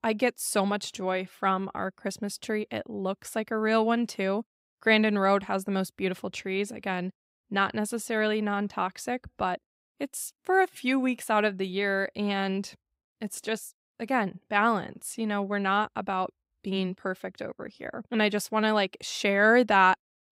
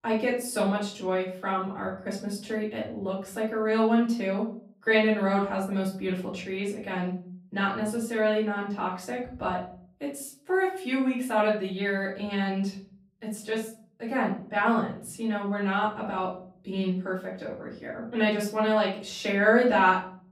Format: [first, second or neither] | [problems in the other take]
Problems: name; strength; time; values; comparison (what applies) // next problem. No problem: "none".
first | off-mic speech; far // room echo; noticeable; dies away in 0.7 s